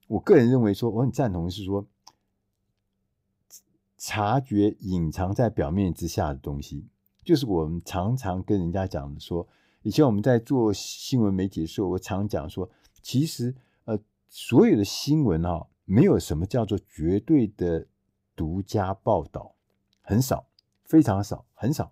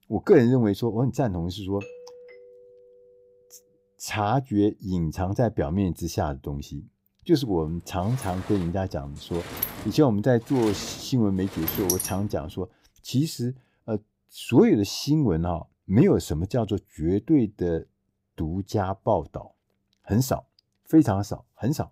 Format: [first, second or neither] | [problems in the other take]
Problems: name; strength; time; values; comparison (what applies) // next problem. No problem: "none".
first | doorbell; faint; from 2 to 3.5 s; peak 20 dB below the speech // door banging; noticeable; from 8 to 12 s; peak 1 dB below the speech